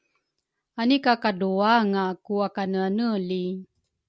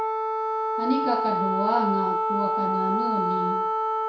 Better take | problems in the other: first | background sound (Wind instrument, woodwind instrument); 4 dB above the speech // room echo; dies away in 0.6 s

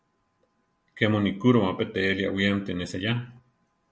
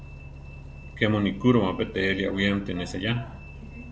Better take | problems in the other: first | background sound (Bus); 13 dB below the speech

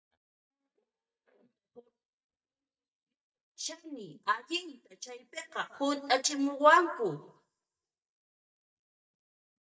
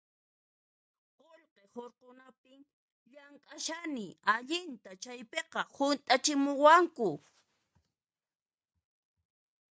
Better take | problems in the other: second | noise reduction (neural mask model DeepFilterNet 3)

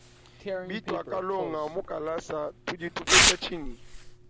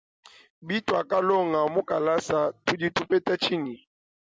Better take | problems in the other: second | background sound (Tearing); 5 dB above the speech

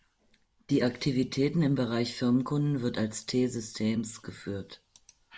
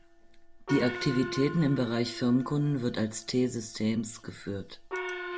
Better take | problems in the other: first | background sound (Gong); 11 dB below the speech

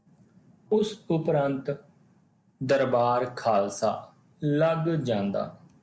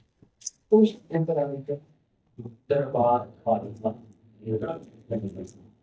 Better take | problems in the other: first | noise reduction (neural mask model DeepFilterNet 3)

